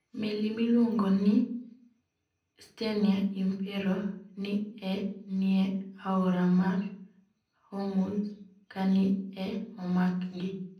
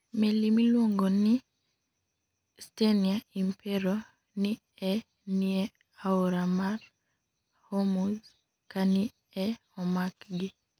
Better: second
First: room echo; dies away in 0.6 s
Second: none

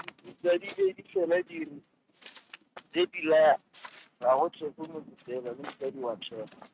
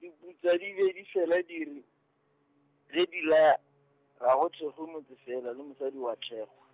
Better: second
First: noise reduction (neural mask model RNNoise)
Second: none

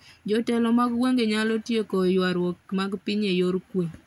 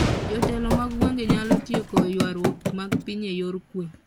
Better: first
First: none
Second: background sound (Run + Gunshot, gunfire); 3 dB above the speech

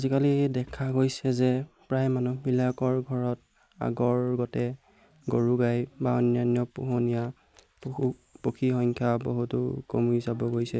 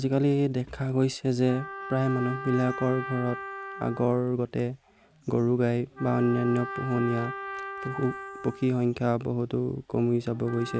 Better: first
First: none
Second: background sound (Trumpet); 12 dB below the speech

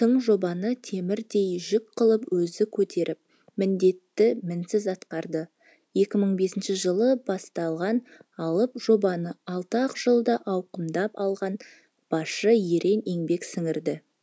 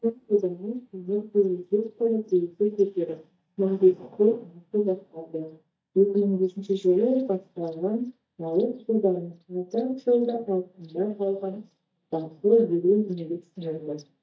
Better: first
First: none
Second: noise reduction (neural mask model DeepFilterNet 3)

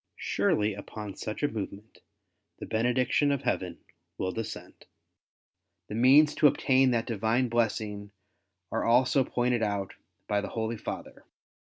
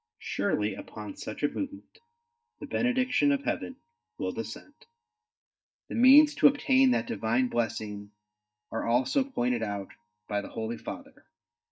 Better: first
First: none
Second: noise reduction (neural mask model DeepFilterNet 3)

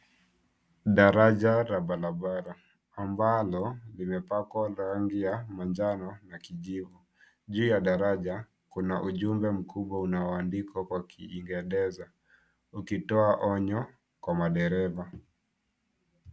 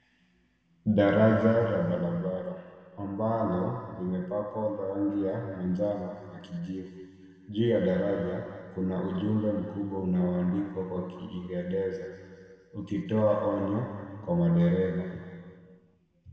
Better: first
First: none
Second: room echo; dies away in 2.2 s

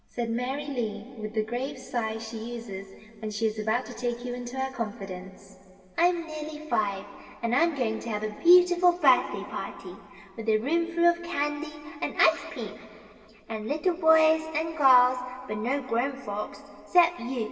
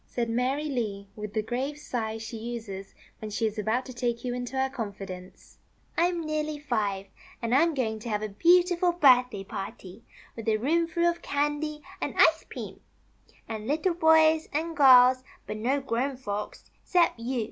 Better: second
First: room echo; dies away in 2.5 s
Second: none

